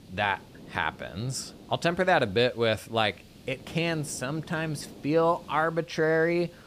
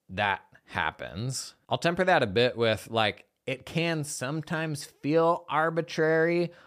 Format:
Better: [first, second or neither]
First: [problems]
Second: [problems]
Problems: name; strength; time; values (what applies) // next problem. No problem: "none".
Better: second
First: hiss; faint; throughout; 20 dB below the speech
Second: none